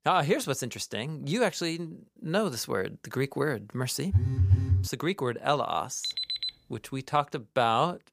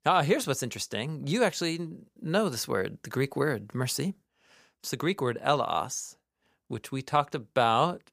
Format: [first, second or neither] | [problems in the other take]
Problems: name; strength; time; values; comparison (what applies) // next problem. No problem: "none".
second | phone ringing; loud; at 4 s; peak 6 dB above the speech // alarm; noticeable; at 6 s; peak level with the speech